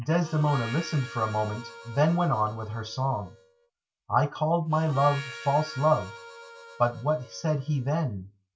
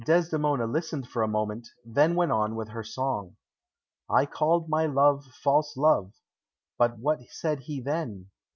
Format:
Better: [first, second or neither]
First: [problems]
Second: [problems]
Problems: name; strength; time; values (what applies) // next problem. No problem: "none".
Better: second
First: background sound (Harmonica); 16 dB below the speech // room echo; dies away in 0.2 s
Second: none